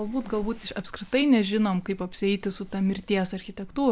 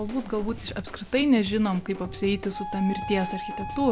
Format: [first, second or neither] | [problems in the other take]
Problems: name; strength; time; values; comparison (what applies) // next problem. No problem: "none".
first | background sound (Wind instrument, woodwind instrument + Drum / Drum kit); 11 dB below the speech